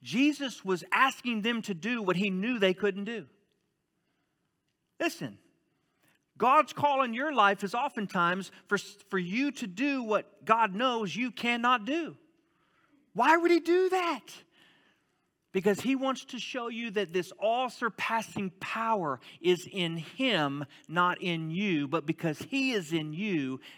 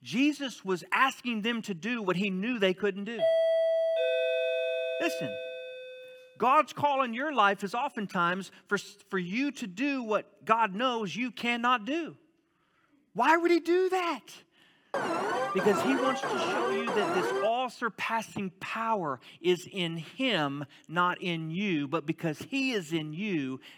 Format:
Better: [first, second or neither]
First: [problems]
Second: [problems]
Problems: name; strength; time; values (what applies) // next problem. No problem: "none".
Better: first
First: none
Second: doorbell; loud; from 3 to 6 s; peak 5 dB above the speech // alarm; loud; from 15 to 17 s; peak level with the speech